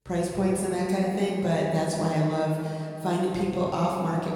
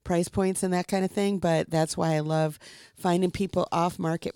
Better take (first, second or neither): second